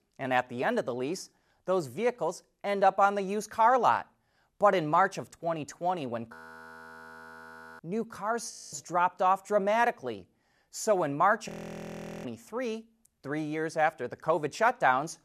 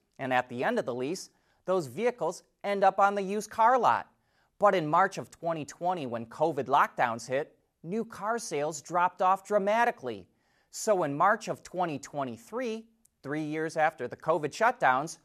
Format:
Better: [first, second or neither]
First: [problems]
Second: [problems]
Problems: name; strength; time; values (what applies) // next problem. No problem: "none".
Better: second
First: audio freezing; at 6.5 s for 1.5 s, at 8.5 s and at 11 s for 1 s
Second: none